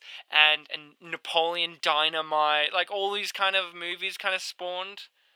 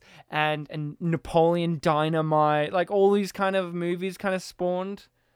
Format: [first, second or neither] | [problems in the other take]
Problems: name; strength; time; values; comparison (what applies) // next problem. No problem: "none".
second | thin; very; fading below 800 Hz